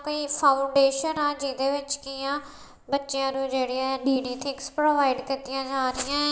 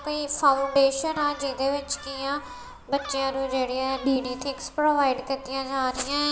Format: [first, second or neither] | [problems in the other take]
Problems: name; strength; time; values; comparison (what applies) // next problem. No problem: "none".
first | background sound (Gull, seagull); 17 dB below the speech